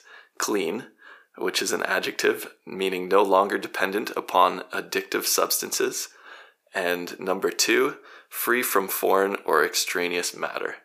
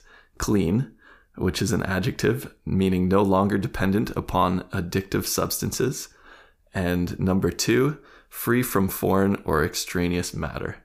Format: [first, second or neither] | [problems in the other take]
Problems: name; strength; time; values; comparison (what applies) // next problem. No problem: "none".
second | thin; very; fading below 400 Hz